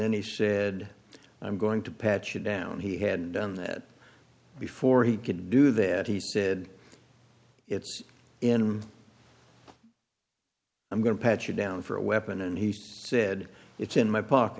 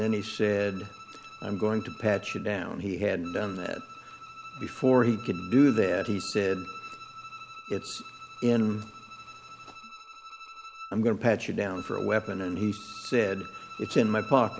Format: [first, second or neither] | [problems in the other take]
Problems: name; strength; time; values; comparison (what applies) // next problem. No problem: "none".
first | background sound (Bowed string instrument); 16 dB below the speech